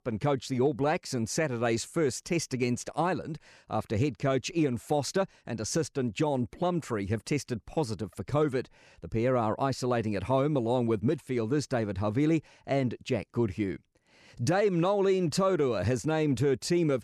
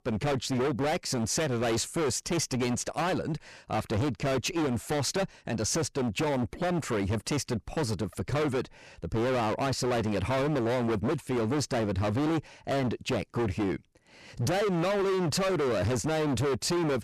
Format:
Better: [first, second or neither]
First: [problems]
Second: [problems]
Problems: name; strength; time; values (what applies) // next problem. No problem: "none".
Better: first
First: none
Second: distortion; heavy; 32% of the sound clipped